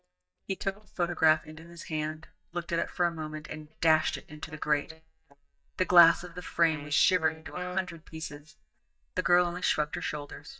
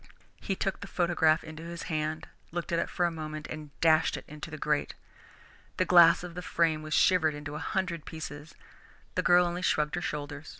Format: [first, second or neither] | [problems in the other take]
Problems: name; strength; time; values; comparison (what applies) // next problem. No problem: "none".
second | noise reduction (neural mask model DeepFilterNet 3)